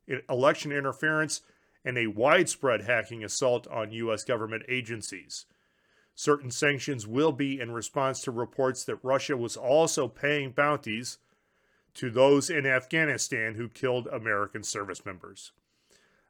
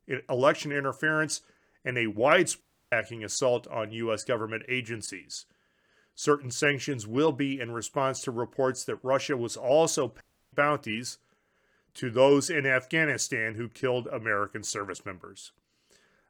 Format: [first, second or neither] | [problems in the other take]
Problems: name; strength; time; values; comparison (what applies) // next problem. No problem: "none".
first | audio cutting out; at 2.5 s and at 10 s